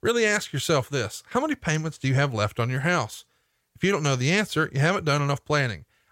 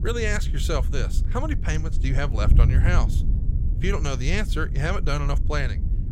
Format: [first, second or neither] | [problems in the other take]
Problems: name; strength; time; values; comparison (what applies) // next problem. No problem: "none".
first | wind noise on the microphone; occasional gusts; 10 dB below the speech